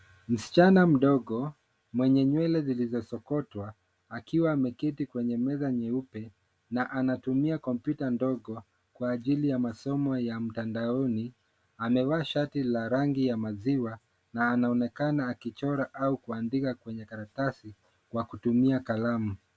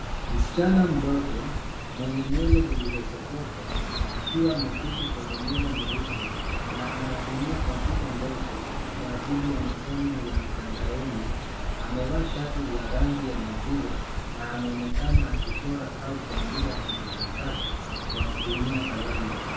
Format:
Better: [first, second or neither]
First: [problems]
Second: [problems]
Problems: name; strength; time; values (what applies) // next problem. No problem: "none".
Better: first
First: none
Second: background sound (Chirp, tweet); 2 dB above the speech // room echo; dies away in 0.5 s